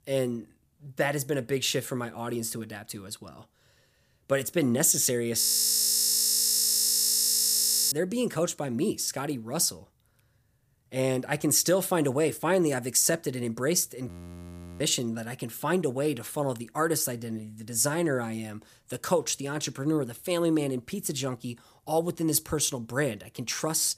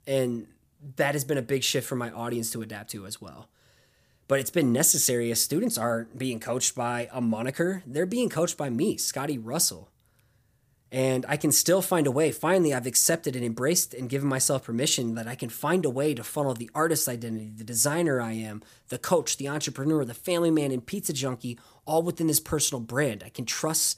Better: second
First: audio freezing; at 5.5 s for 2.5 s and at 14 s for 0.5 s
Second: none

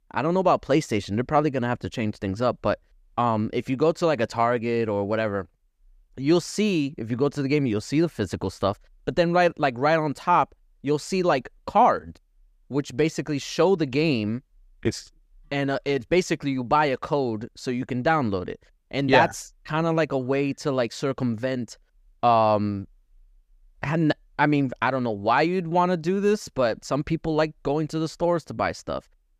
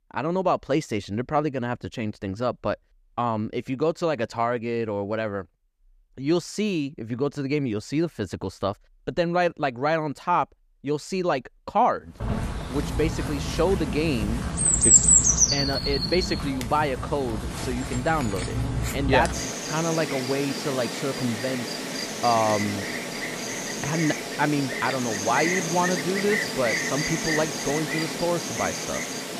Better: first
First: none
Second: animal sounds; very loud; from 12 s on; 2 dB above the speech

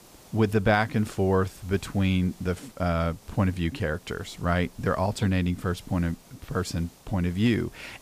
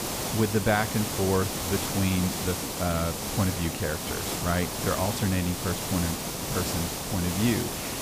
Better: first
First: hiss; faint; throughout; 25 dB below the speech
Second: hiss; loud; throughout; 1 dB below the speech

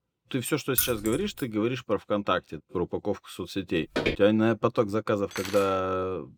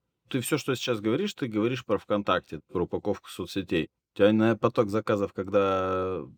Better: second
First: jangling keys; loud; at 1 s; peak 1 dB above the speech // footsteps; noticeable; at 4 s; peak 1 dB below the speech // clattering dishes; noticeable; at 5.5 s; peak 8 dB below the speech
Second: none

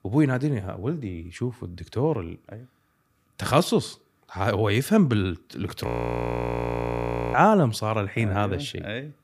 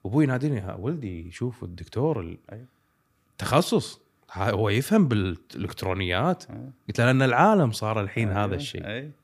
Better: second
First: audio freezing; at 6 s for 1.5 s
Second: none

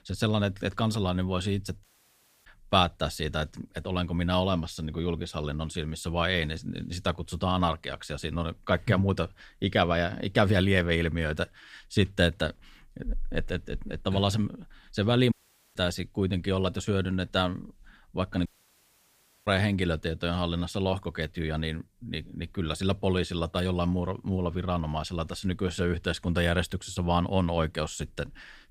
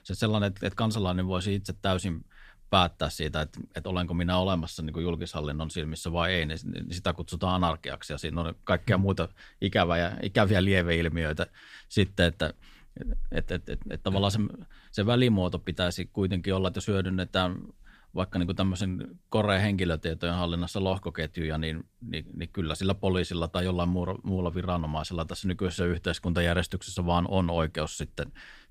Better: second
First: audio cutting out; at 2 s for 0.5 s, at 15 s and at 18 s for 1 s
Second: none

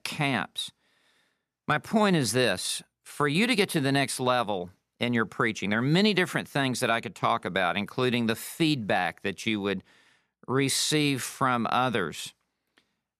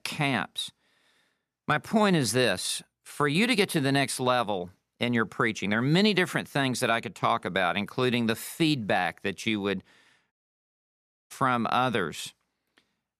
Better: first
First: none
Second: audio cutting out; at 10 s for 1 s

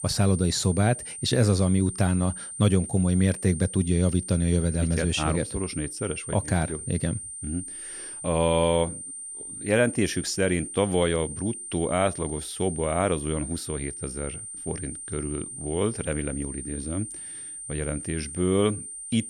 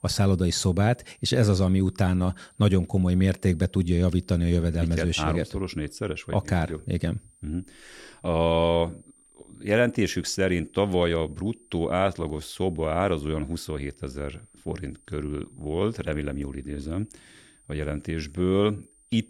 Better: second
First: high-pitched whine; loud; throughout; 9 kHz, 9 dB below the speech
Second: high-pitched whine; faint; throughout; 9 kHz, 30 dB below the speech

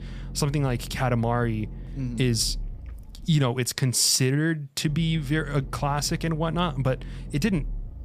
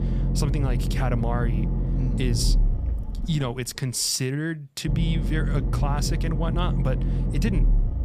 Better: first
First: low rumble; faint; throughout; 25 dB below the speech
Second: low rumble; loud; throughout; 7 dB below the speech

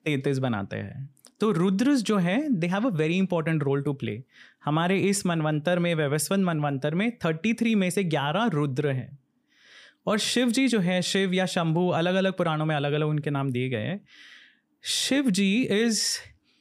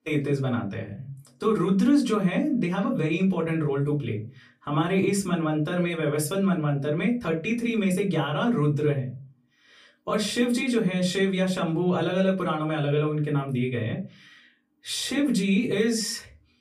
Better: first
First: none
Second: off-mic speech; far // room echo; very slight; dies away in 0.3 s

